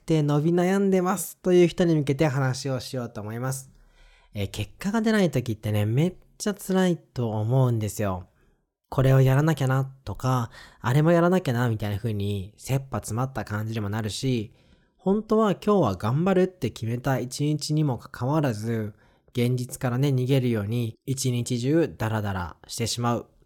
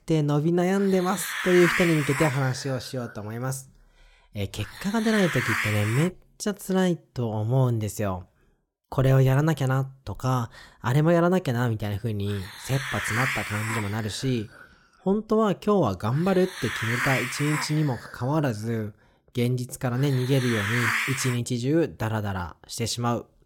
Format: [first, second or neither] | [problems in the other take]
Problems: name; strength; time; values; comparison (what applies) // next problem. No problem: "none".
first | hiss; loud; until 6 s and from 12 to 21 s; 3 dB below the speech